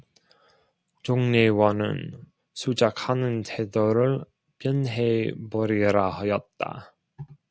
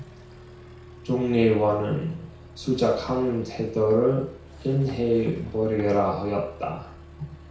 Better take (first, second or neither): first